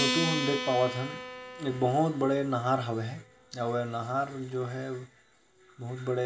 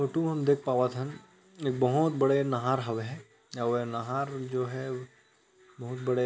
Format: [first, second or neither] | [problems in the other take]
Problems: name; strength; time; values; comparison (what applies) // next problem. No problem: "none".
second | background sound (Acoustic guitar); 7 dB below the speech // room echo; dies away in 0.2 s